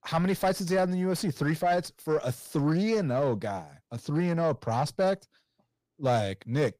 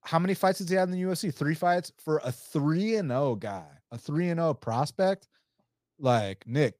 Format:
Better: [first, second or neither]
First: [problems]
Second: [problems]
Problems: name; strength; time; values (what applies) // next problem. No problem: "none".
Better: second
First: distortion; slight; 10 dB below the speech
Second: none